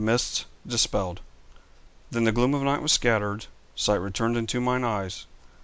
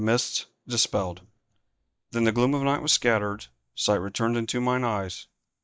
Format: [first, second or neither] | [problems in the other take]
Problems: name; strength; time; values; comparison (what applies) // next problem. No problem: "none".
first | noise reduction (neural mask model DeepFilterNet 3)